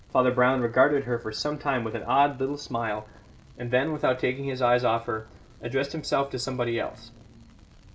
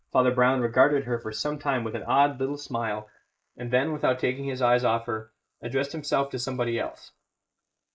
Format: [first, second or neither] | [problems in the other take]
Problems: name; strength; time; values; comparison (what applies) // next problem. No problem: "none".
first | noise reduction (neural mask model Resemble Enhance denoiser)